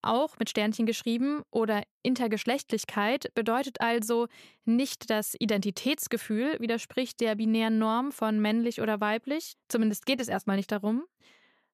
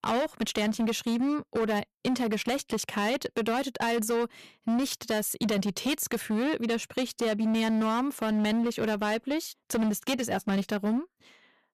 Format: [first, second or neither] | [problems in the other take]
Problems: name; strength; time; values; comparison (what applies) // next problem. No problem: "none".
first | distortion; slight; 18% of the sound clipped